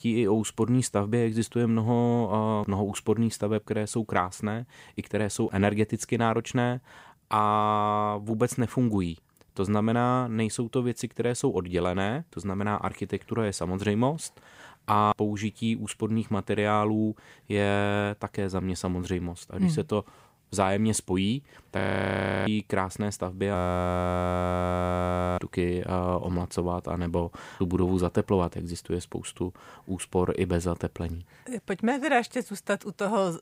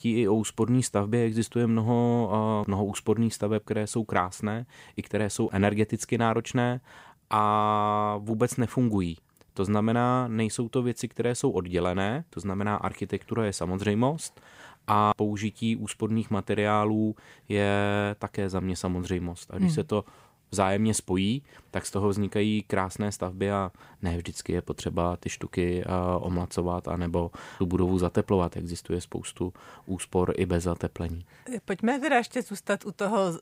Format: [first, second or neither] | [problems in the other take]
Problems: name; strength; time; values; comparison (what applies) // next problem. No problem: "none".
second | audio freezing; at 22 s for 0.5 s and at 24 s for 2 s